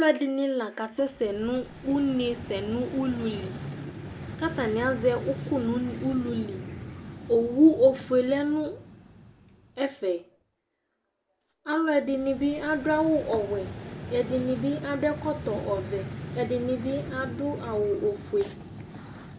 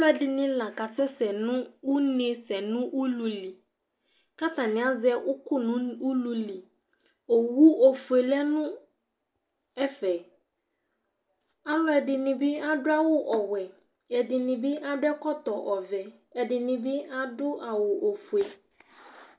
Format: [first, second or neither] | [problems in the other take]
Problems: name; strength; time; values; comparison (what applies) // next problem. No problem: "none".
second | background sound (Vehicle); 12 dB below the speech